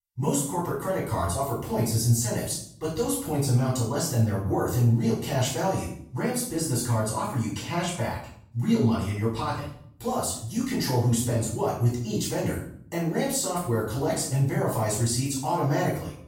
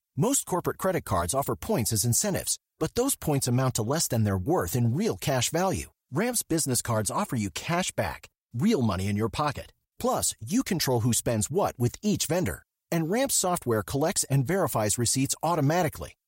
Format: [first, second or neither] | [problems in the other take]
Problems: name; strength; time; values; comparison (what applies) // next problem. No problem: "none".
second | off-mic speech; far // room echo; noticeable; dies away in 0.6 s